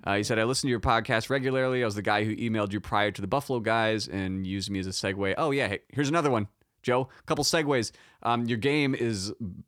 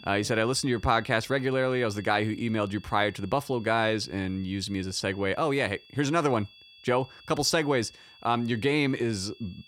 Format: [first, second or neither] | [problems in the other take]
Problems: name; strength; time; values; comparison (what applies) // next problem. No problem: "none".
first | high-pitched whine; faint; throughout; 3.5 kHz, 25 dB below the speech